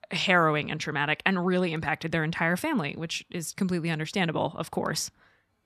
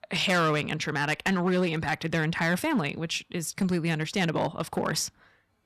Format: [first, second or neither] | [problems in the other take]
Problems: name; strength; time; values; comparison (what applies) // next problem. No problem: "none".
first | distortion; slight; 7% of the sound clipped